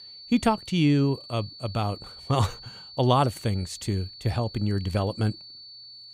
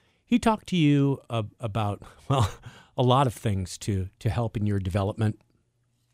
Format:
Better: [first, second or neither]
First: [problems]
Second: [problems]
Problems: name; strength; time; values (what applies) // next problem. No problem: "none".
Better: second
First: high-pitched whine; noticeable; throughout; 4.5 kHz, 15 dB below the speech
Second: none